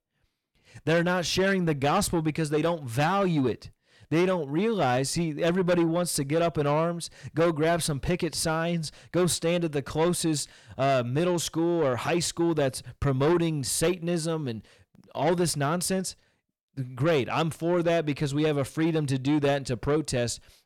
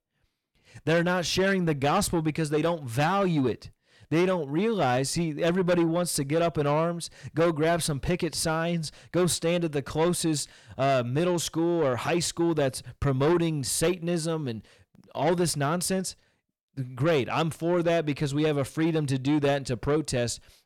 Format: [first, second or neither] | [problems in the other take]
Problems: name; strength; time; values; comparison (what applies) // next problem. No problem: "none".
neither | distortion; slight; 10 dB below the speech; the same in both